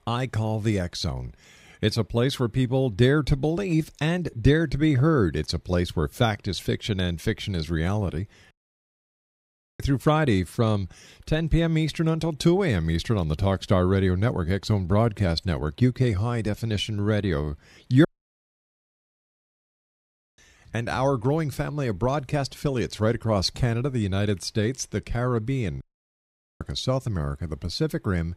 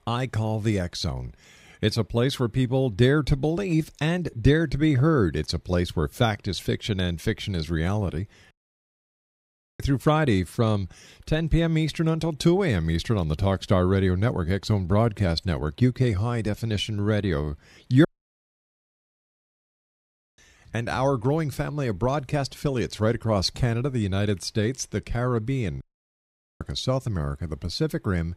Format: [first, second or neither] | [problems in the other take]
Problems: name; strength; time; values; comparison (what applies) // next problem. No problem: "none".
neither | audio cutting out; at 8.5 s for 1.5 s, at 18 s for 2.5 s and at 26 s for 1 s; the same in both